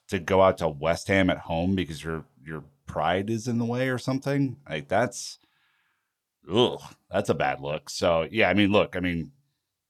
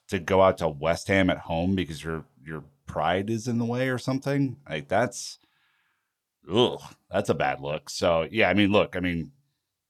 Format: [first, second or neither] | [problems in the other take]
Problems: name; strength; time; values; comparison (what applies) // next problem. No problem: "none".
neither | none